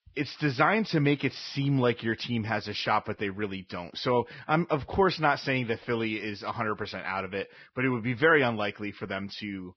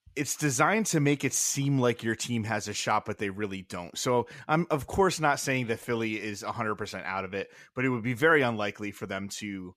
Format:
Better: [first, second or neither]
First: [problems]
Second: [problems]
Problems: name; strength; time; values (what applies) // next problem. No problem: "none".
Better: second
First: garbled, watery; badly; nothing above 5.5 kHz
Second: none